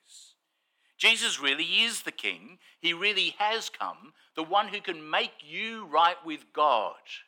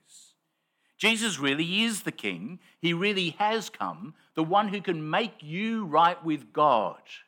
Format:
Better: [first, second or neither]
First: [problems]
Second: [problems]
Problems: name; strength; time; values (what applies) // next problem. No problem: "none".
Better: second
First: thin; somewhat; fading below 450 Hz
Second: none